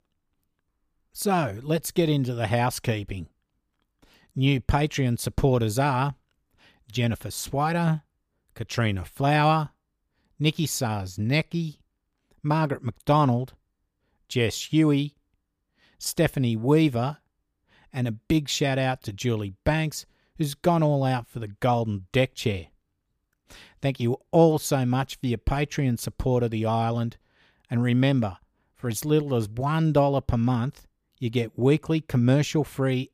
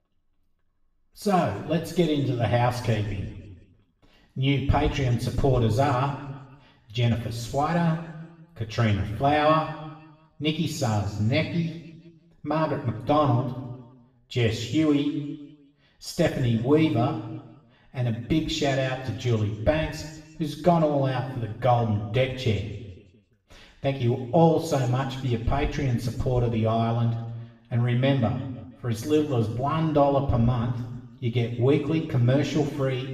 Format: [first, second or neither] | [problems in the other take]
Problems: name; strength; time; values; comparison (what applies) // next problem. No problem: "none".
first | room echo; noticeable; dies away in 1.2 s // off-mic speech; far